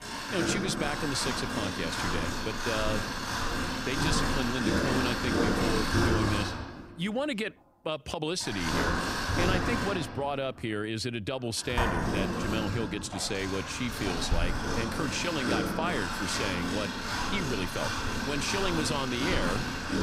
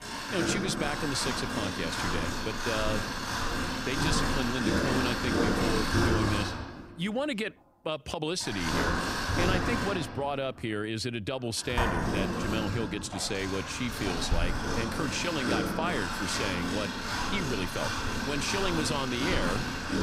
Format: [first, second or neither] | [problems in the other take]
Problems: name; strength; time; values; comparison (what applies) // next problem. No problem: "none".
neither | machinery noise; very loud; throughout; 2 dB above the speech; the same in both